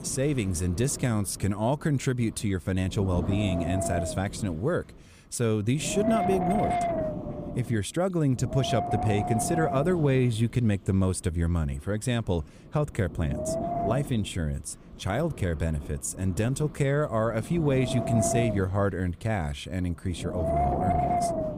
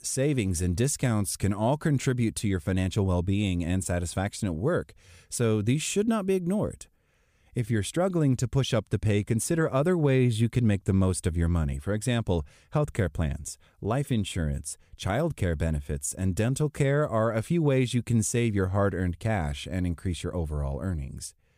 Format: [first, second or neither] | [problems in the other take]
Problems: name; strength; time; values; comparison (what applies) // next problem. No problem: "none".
second | wind noise on the microphone; heavy; 2 dB above the speech